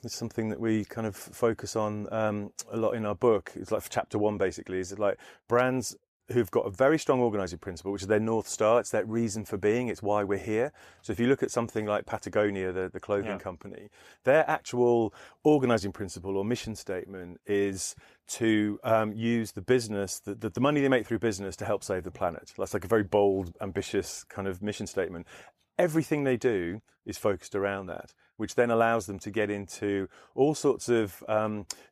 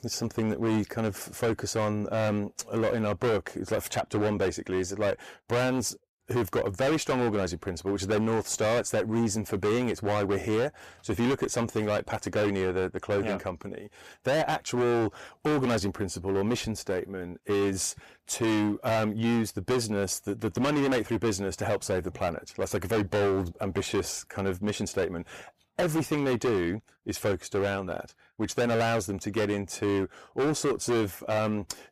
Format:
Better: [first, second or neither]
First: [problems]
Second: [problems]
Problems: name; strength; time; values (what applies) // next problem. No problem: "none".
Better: first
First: none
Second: distortion; heavy; 17% of the sound clipped